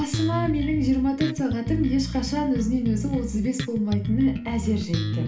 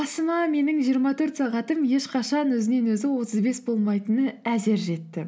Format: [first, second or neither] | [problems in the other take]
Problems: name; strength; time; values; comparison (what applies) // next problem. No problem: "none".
second | background sound (Bass guitar); 4 dB below the speech // room echo; dies away in 0.4 s